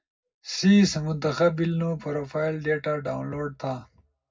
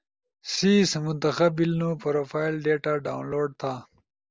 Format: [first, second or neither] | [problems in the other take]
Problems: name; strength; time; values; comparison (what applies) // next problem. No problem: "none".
second | room echo; dies away in 0.4 s